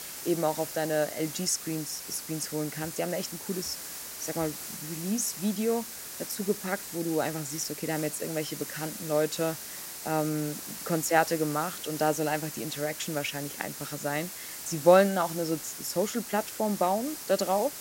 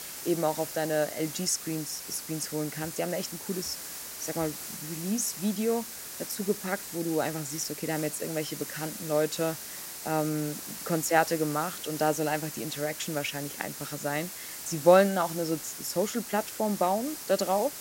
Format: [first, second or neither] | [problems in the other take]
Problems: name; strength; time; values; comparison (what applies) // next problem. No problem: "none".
neither | hiss; loud; throughout; 8 dB below the speech; the same in both